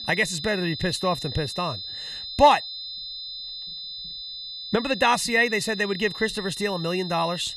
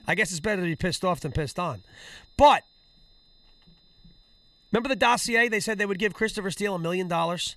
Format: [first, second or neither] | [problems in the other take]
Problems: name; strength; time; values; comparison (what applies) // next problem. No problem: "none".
second | high-pitched whine; loud; throughout; 4 kHz, 9 dB below the speech; faint in the second